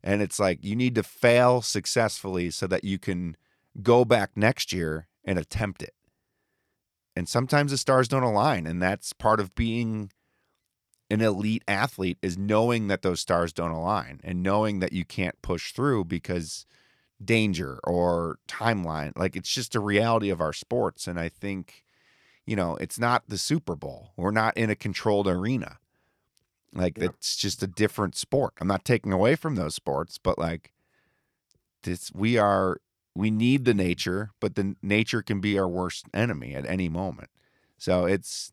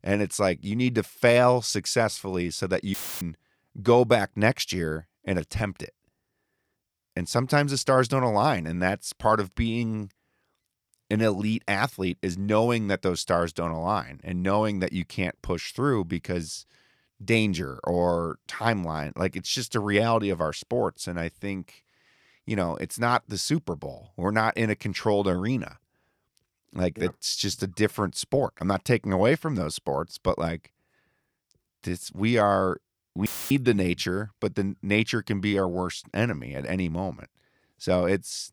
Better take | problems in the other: first | audio cutting out; filled with static; at 3 s and at 33 s

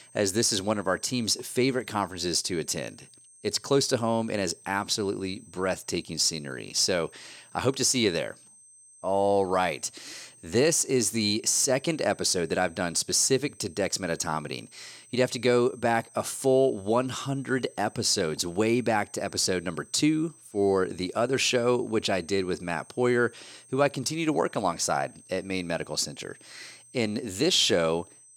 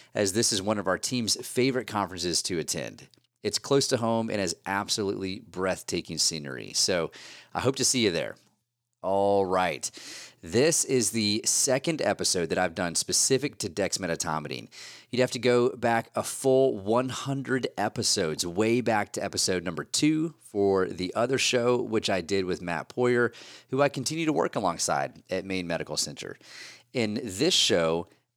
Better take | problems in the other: second | high-pitched whine; faint; throughout; 8 kHz, 25 dB below the speech

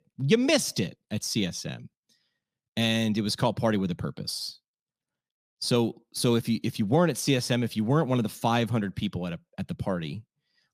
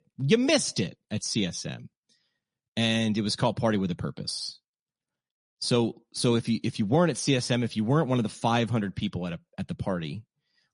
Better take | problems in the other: first | garbled, watery; slightly; nothing above 10.5 kHz

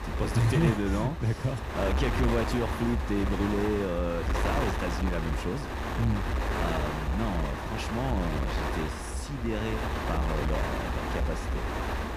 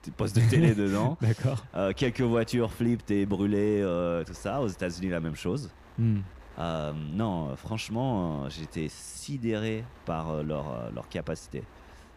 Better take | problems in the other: second | wind noise on the microphone; heavy; 1 dB above the speech; occasional gusts in the second

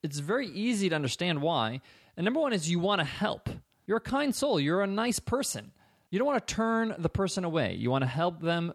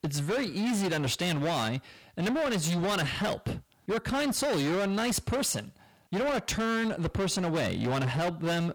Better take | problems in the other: first | distortion; heavy; 31% of the sound clipped

